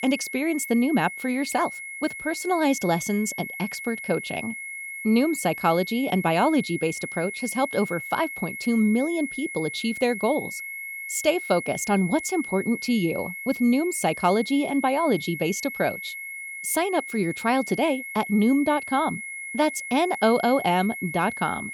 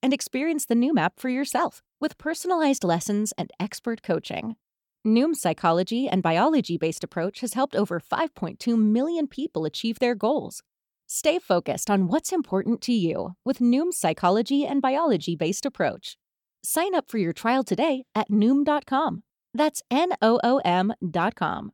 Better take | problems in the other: second | high-pitched whine; loud; throughout; 2 kHz, 9 dB below the speech

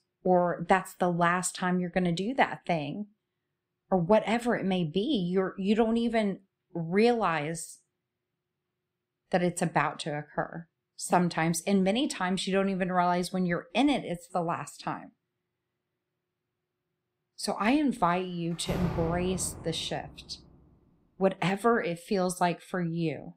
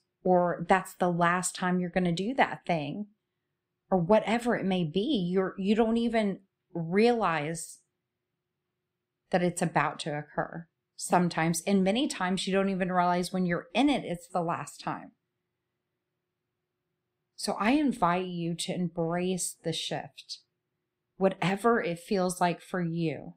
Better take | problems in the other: second | door banging; noticeable; from 19 to 20 s; peak 5 dB below the speech

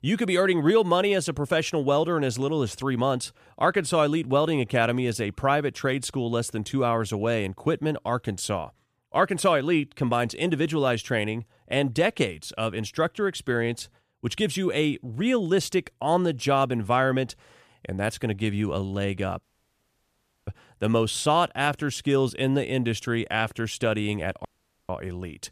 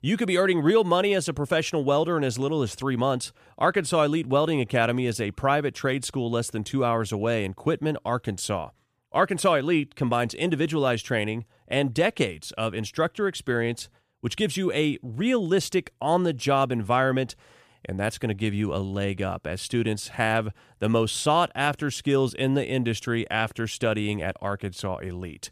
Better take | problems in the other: second | audio cutting out; at 19 s for 1 s and at 24 s

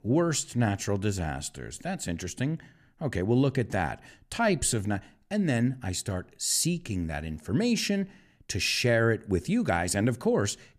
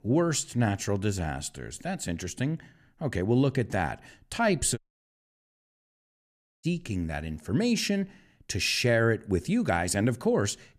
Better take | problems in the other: first | audio cutting out; at 5 s for 2 s

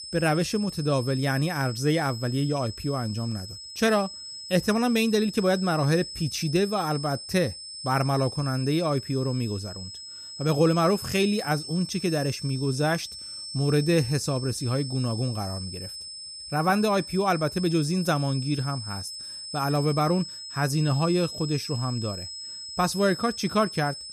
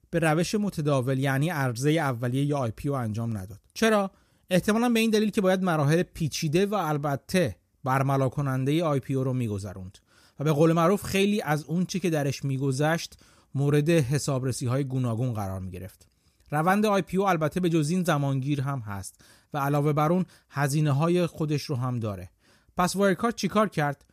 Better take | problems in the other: second | high-pitched whine; loud; throughout; 5 kHz, 10 dB below the speech

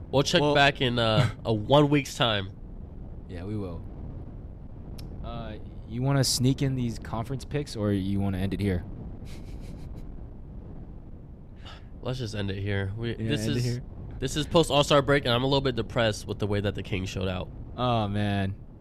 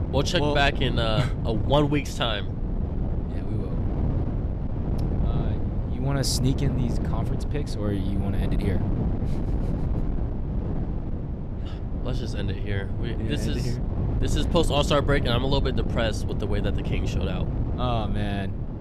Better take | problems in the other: first | wind noise on the microphone; heavy; 9 dB below the speech; occasional gusts in the first

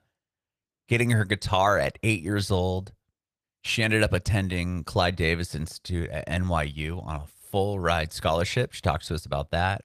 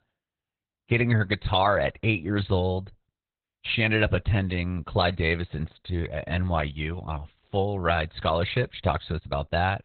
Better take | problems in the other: first | garbled, watery; badly; nothing above 4 kHz; slightly in the first

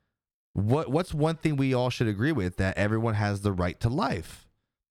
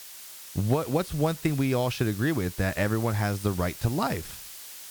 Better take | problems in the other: first | hiss; noticeable; throughout; 15 dB below the speech

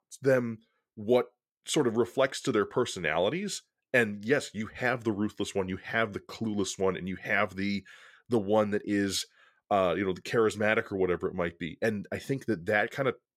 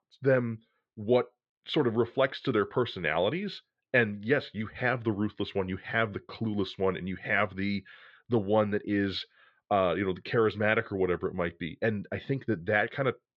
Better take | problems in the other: first | muffled; slightly; fading above 4 kHz

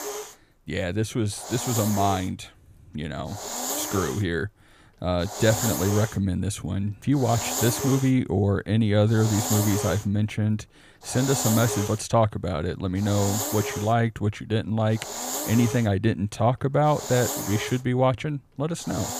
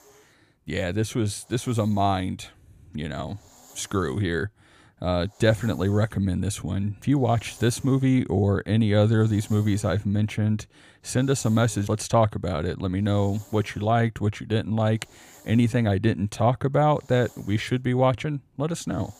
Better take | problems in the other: second | hiss; loud; throughout; 5 dB below the speech; faint in the second

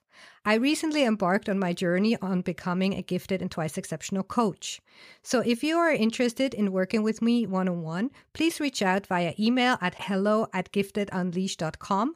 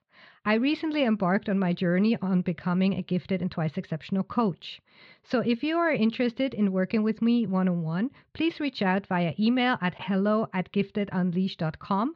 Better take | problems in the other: first | muffled; very slightly; fading above 4 kHz

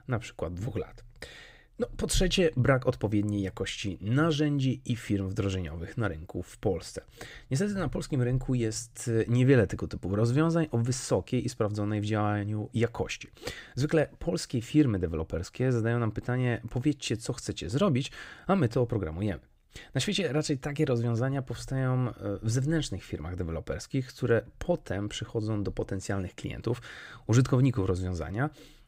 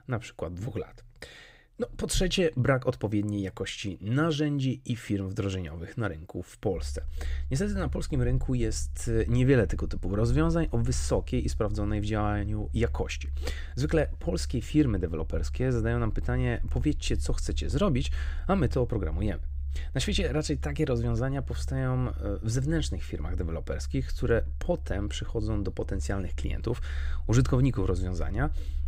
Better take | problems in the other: first | low rumble; faint; from 7 s on; 25 dB below the speech

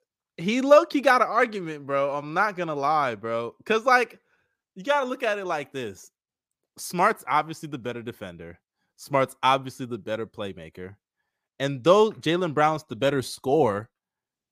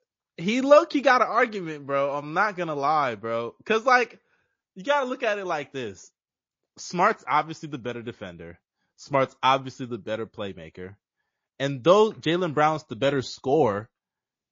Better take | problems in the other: first | garbled, watery; slightly; nothing above 7 kHz

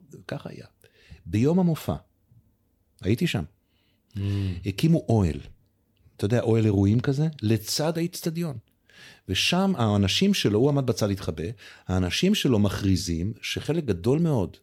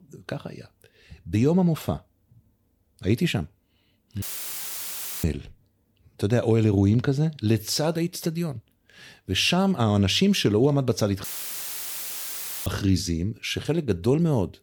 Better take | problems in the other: first | audio cutting out; filled with static; at 4 s for 1 s and at 11 s for 1.5 s

